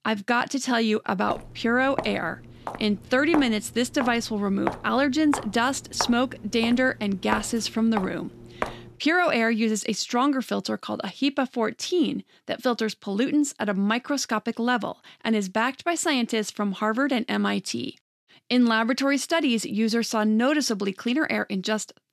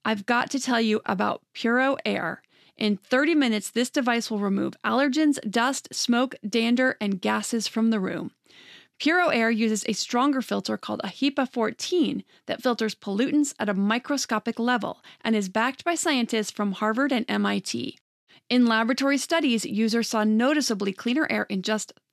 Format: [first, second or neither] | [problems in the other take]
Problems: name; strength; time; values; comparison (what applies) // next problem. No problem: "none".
second | footsteps; noticeable; from 1.5 to 8.5 s; peak 7 dB below the speech